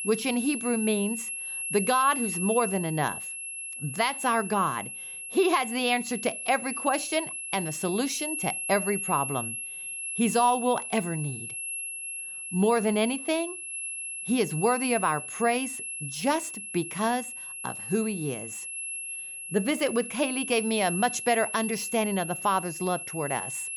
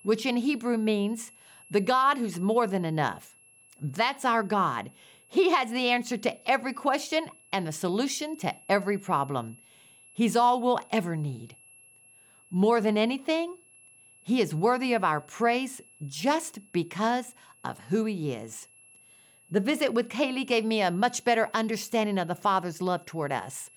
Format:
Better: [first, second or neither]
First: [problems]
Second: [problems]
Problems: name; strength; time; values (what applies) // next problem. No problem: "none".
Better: second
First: high-pitched whine; loud; throughout; 11 kHz, 5 dB below the speech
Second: high-pitched whine; faint; throughout; 11 kHz, 25 dB below the speech